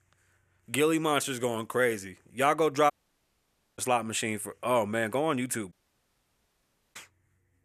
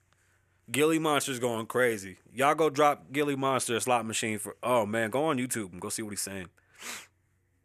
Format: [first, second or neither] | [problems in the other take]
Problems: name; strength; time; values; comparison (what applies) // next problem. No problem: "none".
second | audio cutting out; at 3 s for 1 s and at 5.5 s for 1 s